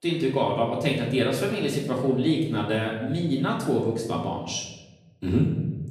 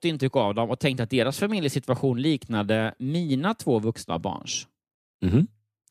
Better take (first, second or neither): second